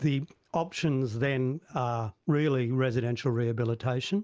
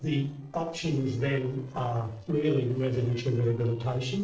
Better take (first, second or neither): first